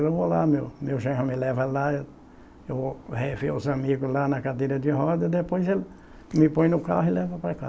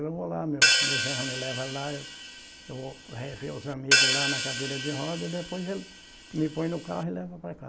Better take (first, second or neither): first